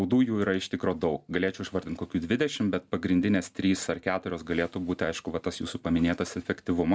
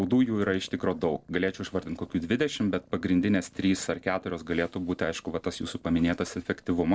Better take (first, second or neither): first